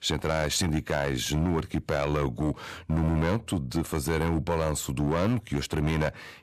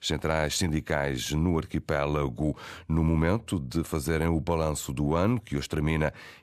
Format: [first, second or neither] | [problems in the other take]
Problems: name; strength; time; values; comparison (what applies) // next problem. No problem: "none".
second | distortion; slight; 7% of the sound clipped